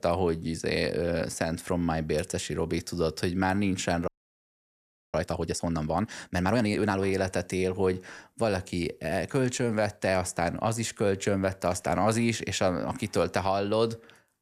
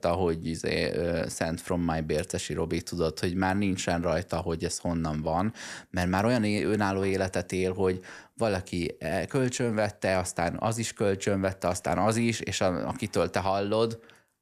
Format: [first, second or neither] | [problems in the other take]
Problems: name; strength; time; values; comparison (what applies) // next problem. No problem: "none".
second | audio freezing; at 4 s for 1 s